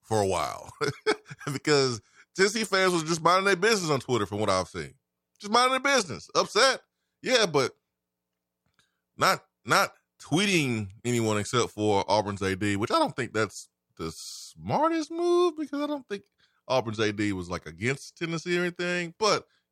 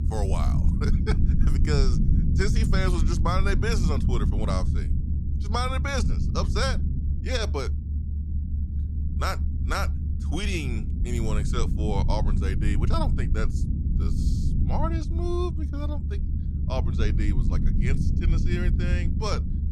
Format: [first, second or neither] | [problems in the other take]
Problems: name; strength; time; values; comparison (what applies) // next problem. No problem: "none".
first | low rumble; loud; throughout; 7 dB below the speech